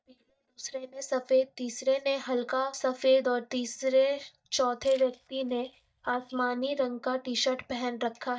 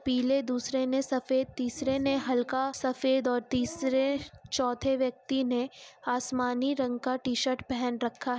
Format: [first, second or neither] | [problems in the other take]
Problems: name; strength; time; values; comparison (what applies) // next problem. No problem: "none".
second | noise reduction (neural mask model DeepFilterNet 3)